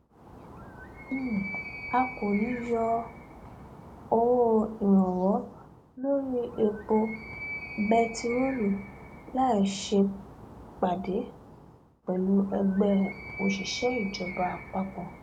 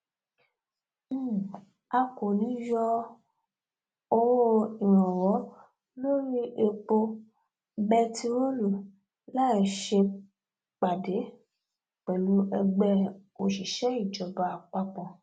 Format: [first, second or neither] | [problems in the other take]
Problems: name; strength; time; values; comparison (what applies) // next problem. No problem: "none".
second | background sound (Animal); 14 dB below the speech